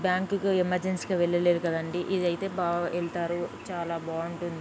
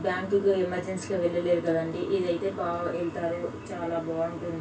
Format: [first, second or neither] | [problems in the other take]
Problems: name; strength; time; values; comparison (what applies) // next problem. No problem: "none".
first | room echo; dies away in 0.2 s